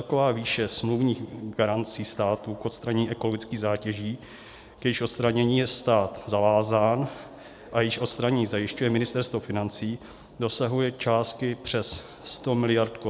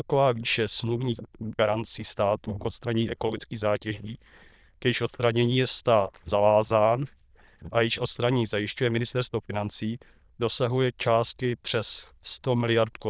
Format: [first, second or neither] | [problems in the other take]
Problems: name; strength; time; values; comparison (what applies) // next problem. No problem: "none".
first | noise reduction (neural diffusion model UNIVERSE++)